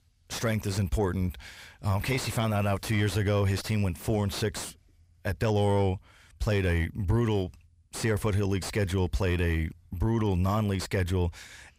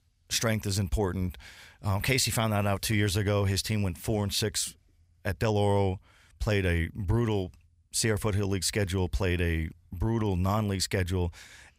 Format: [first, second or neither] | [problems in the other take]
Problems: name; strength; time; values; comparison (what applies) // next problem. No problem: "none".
second | distortion; slight; 10 dB below the speech